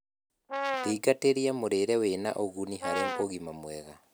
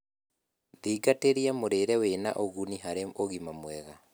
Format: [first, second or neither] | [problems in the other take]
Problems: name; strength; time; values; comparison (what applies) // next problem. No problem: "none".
second | background sound (Brass instrument); 4 dB below the speech